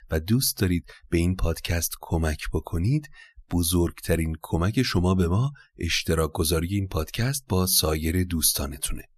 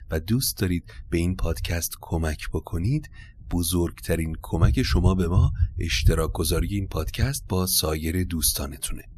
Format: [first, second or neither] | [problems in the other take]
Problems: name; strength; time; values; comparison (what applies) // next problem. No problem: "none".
first | low rumble; noticeable; throughout; 15 dB below the speech